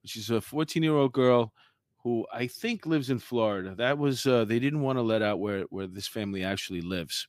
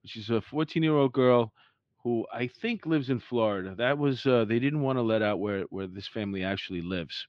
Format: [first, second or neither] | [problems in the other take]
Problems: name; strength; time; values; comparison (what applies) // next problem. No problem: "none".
first | muffled; slightly; fading above 3.5 kHz